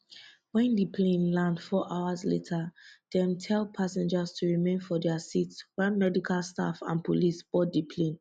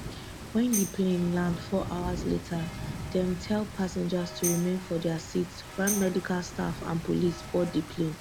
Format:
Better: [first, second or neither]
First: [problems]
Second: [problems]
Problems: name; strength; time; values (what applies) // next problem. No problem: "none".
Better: first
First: none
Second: background sound (Rain + Tambourine); 8 dB below the speech